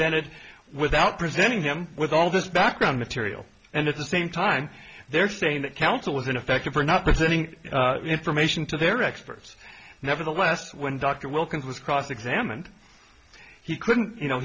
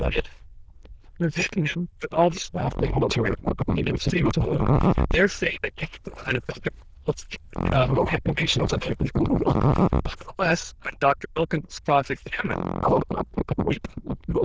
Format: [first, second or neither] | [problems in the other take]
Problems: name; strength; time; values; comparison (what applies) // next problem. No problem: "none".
first | noise reduction (neural diffusion model UNIVERSE++)